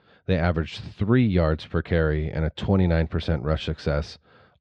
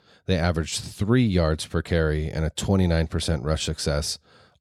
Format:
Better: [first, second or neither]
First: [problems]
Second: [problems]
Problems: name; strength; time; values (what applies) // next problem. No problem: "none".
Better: second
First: muffled; slightly; fading above 3 kHz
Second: none